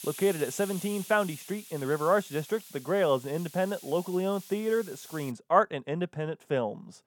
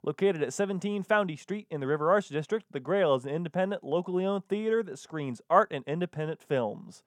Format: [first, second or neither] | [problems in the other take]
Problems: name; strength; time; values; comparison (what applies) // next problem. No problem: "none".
second | hiss; noticeable; until 5.5 s; 15 dB below the speech